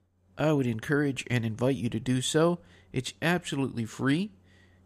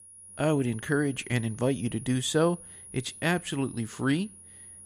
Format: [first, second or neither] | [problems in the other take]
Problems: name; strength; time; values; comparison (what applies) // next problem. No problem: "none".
first | high-pitched whine; noticeable; throughout; 10.5 kHz, 15 dB below the speech